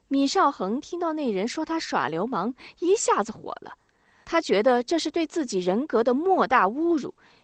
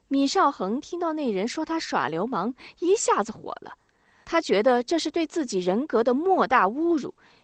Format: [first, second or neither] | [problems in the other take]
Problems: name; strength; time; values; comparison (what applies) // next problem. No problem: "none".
neither | garbled, watery; slightly; nothing above 8 kHz; the same in both